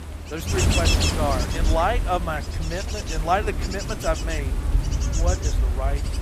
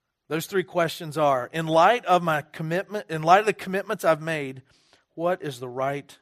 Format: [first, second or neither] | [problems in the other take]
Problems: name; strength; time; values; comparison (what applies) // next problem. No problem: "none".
second | wind noise on the microphone; heavy; 3 dB below the speech